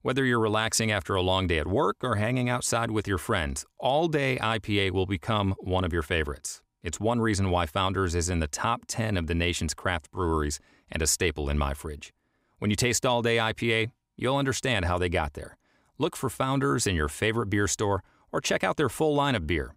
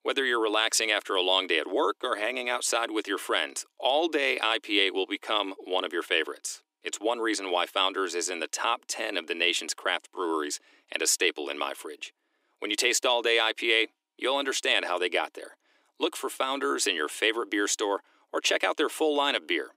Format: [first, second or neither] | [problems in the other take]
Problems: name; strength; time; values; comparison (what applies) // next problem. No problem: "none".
first | thin; somewhat; fading below 300 Hz